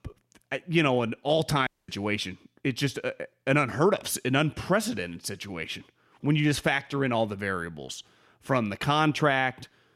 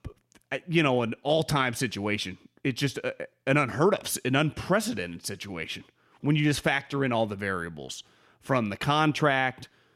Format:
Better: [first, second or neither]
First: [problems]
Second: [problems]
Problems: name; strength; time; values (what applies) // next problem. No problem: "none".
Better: second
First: audio cutting out; at 1.5 s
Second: none